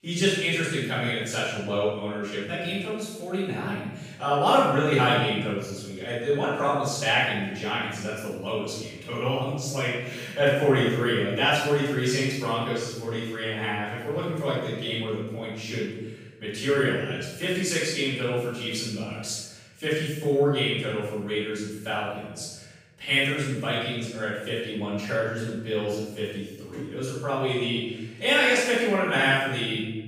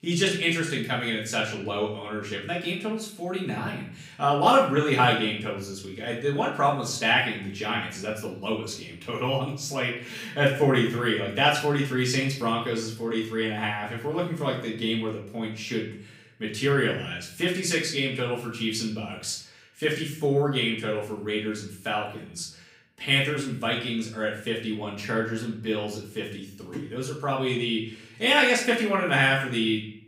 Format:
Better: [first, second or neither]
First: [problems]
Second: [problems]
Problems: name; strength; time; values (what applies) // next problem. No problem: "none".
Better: second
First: room echo; strong; dies away in 1 s // off-mic speech; far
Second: room echo; slight; dies away in 0.6 s // off-mic speech; far